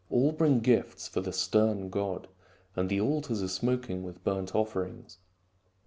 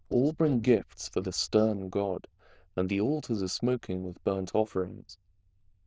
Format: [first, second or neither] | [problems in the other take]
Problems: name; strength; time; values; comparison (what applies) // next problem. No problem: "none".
first | noise reduction (neural diffusion model UNIVERSE++)